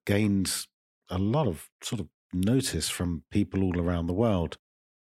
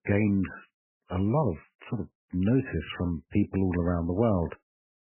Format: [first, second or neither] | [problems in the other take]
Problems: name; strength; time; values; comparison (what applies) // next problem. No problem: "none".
first | garbled, watery; badly; nothing above 3 kHz